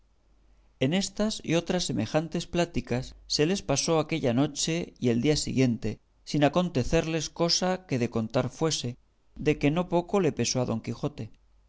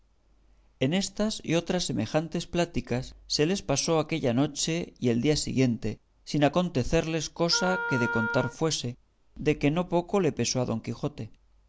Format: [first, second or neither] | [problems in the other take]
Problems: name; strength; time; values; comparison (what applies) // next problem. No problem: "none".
first | background sound (Wind instrument, woodwind instrument); 6 dB below the speech